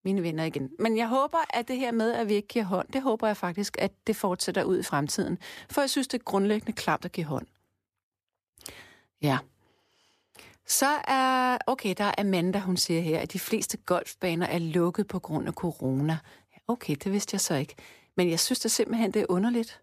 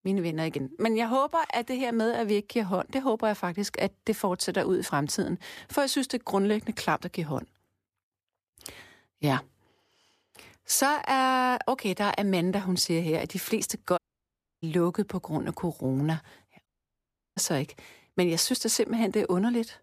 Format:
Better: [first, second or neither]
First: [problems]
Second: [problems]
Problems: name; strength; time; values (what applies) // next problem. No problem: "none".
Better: first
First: none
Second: audio cutting out; at 14 s for 0.5 s and at 17 s for 0.5 s